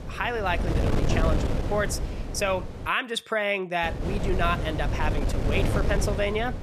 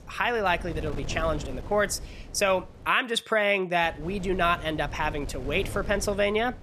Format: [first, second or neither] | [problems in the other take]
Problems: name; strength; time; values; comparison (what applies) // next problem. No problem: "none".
second | wind noise on the microphone; heavy; until 3 s and from 4 s on; 7 dB below the speech; occasional gusts in the second